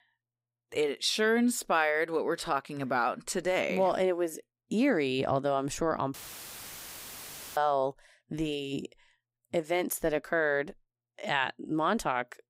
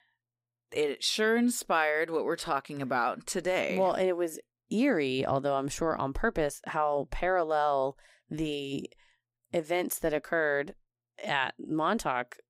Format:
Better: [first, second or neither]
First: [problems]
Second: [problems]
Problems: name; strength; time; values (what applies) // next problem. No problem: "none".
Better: second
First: audio cutting out; filled with static; at 6 s for 1.5 s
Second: none